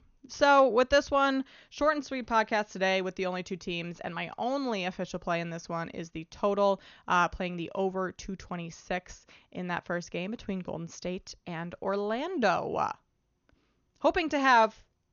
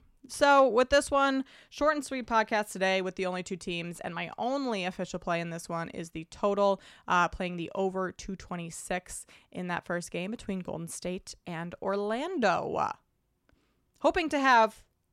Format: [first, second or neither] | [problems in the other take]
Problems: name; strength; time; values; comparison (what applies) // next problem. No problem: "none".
second | garbled, watery; slightly; nothing above 6.5 kHz